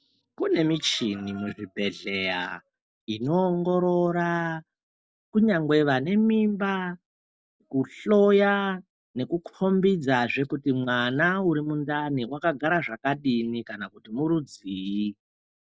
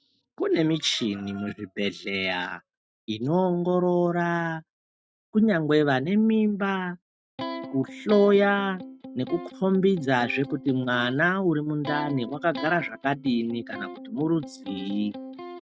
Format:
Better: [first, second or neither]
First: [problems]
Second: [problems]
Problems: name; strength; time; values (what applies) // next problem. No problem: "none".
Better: first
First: none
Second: noise reduction (neural mask model RNNoise)